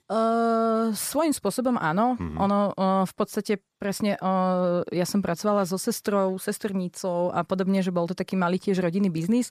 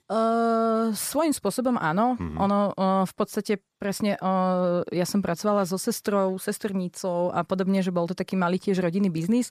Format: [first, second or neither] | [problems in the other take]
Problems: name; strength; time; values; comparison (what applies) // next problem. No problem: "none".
neither | none